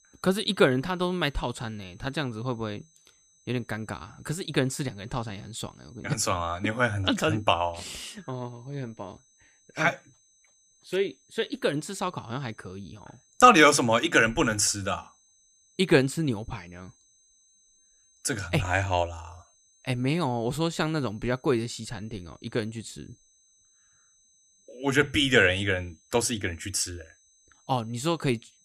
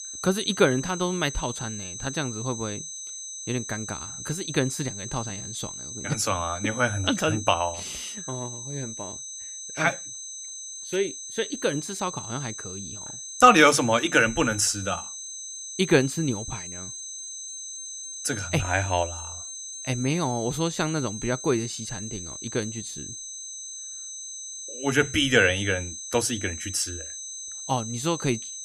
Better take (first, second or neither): first